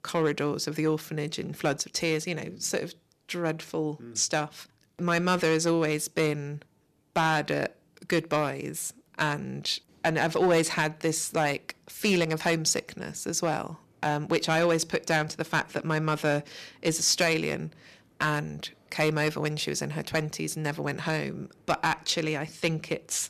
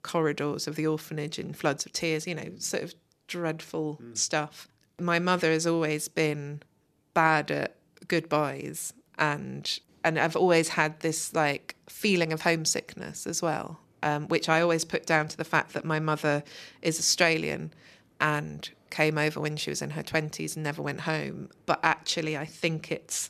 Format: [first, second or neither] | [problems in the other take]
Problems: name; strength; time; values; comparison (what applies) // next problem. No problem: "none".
second | distortion; slight; 2% of the sound clipped